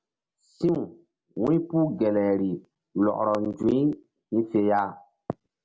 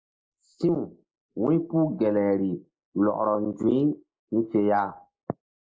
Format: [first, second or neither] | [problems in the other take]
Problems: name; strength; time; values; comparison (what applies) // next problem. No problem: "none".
first | noise reduction (neural mask model Resemble Enhance denoiser)